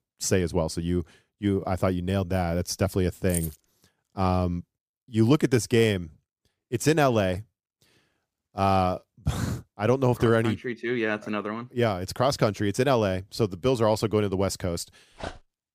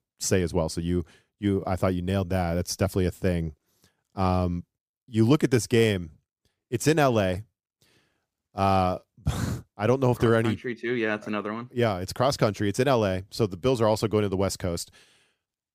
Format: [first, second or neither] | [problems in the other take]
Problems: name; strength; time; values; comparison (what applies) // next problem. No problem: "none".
second | jangling keys; noticeable; at 3.5 s; peak 8 dB below the speech // dog barking; faint; at 15 s; peak 15 dB below the speech